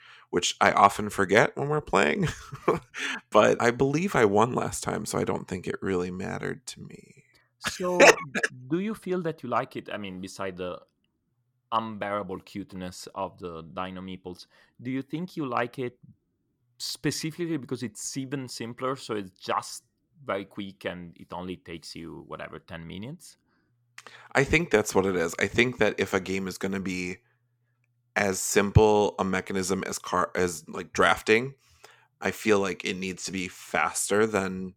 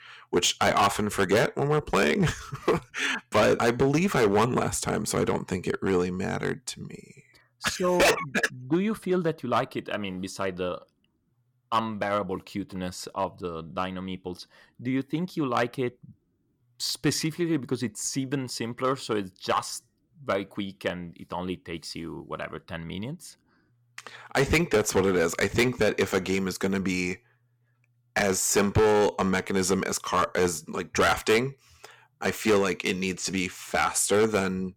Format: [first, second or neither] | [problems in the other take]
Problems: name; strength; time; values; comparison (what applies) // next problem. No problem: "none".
first | distortion; heavy; 4% of the sound clipped